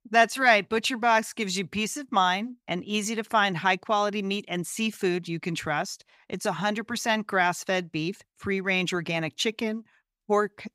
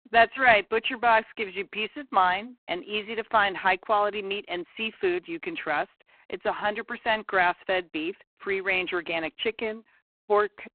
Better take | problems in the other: first | phone-call audio; poor line

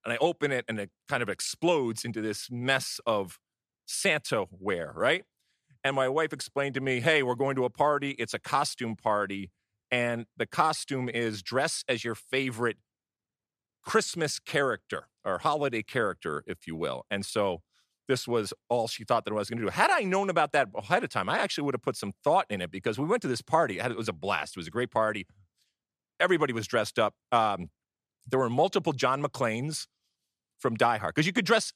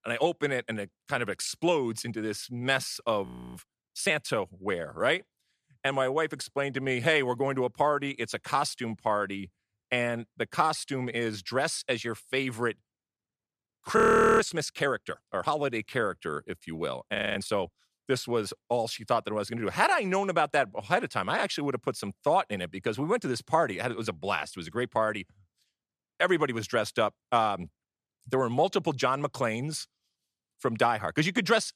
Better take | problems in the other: first | audio freezing; at 3.5 s, at 14 s and at 17 s

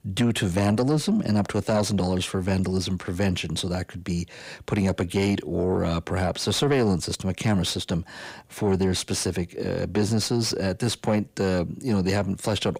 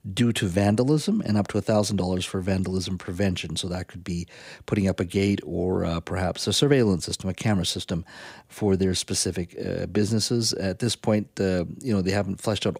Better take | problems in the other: second | distortion; slight; 10 dB below the speech

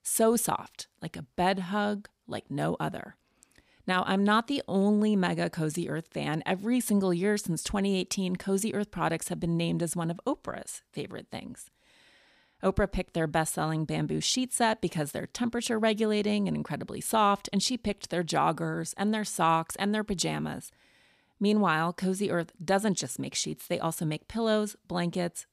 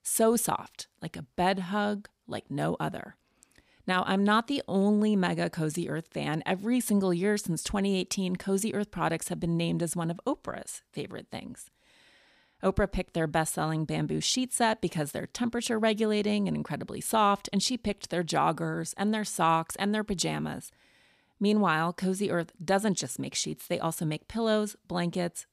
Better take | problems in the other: neither | none

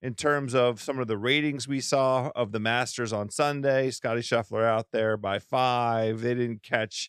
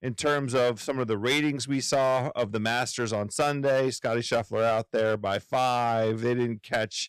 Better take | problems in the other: first | distortion; slight; 7% of the sound clipped

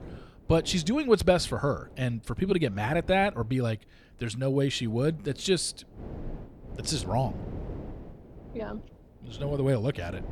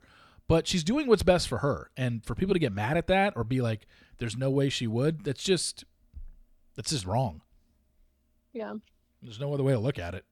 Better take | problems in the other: second | wind noise on the microphone; occasional gusts; 20 dB below the speech

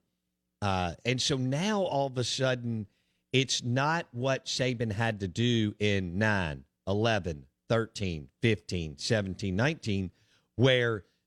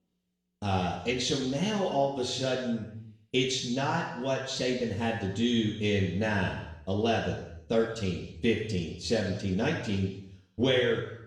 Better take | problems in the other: first | room echo; noticeable; dies away in 0.8 s // off-mic speech; far

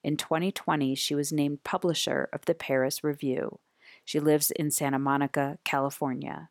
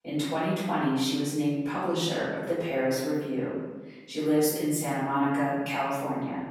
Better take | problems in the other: first | off-mic speech; far // room echo; strong; dies away in 1.1 s

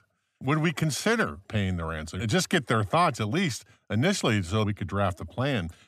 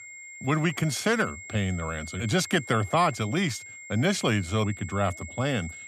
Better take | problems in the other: first | high-pitched whine; noticeable; throughout; 2 kHz, 15 dB below the speech

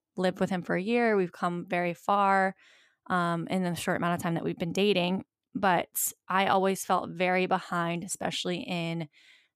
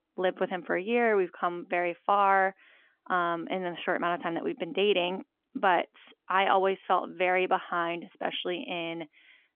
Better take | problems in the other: first | phone-call audio; nothing above 3.5 kHz

